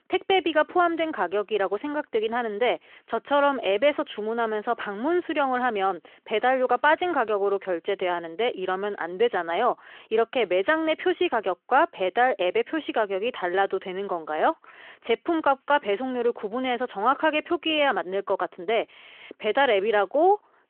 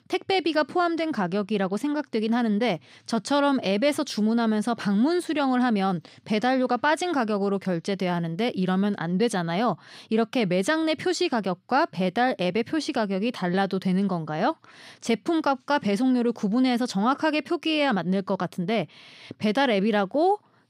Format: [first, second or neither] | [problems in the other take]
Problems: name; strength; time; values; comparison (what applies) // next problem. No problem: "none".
second | phone-call audio